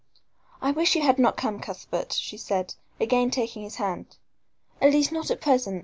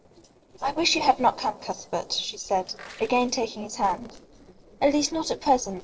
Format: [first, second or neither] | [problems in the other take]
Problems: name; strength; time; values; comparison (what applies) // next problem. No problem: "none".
first | noise reduction (neural separator model SepFormer DNS4)